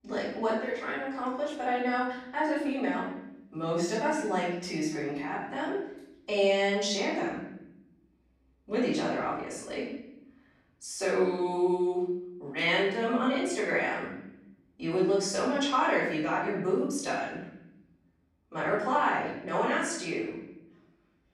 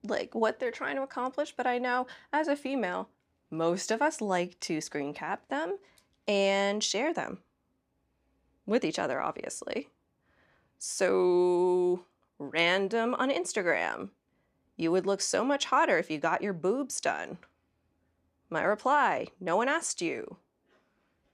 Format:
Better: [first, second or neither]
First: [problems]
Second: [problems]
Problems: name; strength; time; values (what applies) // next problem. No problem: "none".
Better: second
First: off-mic speech; far // room echo; noticeable; dies away in 0.9 s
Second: none